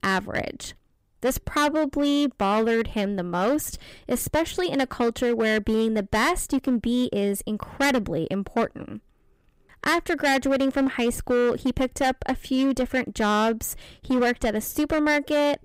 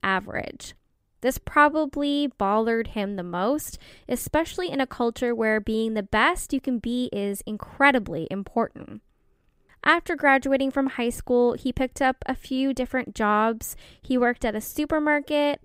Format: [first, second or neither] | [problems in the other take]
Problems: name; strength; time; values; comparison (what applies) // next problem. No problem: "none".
second | distortion; heavy; 11% of the sound clipped